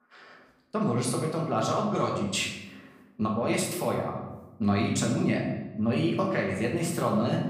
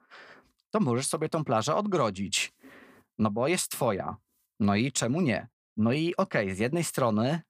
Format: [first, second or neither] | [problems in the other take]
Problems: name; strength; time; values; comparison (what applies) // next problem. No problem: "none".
second | room echo; noticeable; dies away in 0.9 s // off-mic speech; far